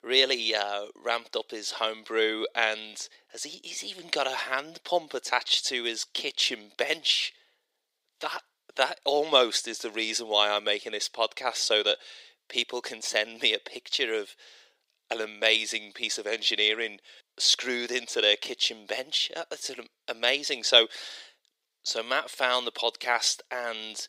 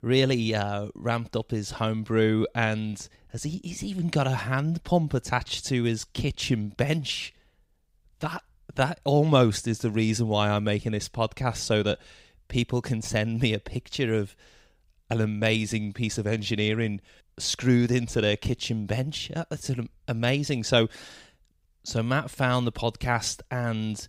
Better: second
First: thin; very; fading below 400 Hz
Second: none

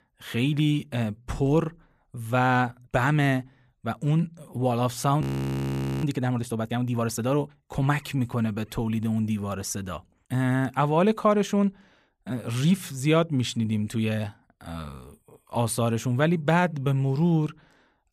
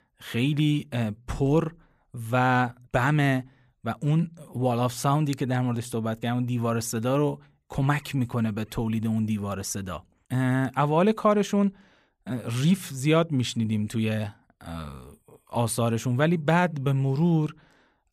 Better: second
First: audio freezing; at 5 s for 1 s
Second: none

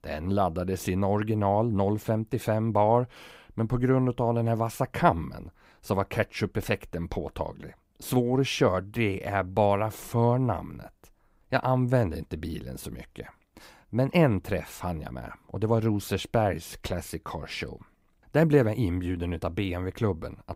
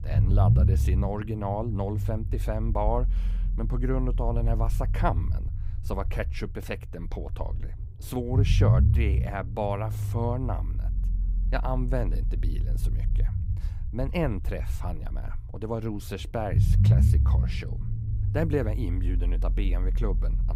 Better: first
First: none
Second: low rumble; loud; throughout; 9 dB below the speech

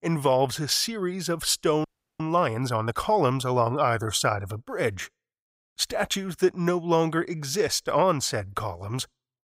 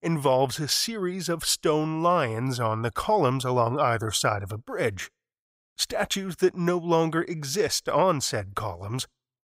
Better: second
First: audio freezing; at 2 s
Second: none

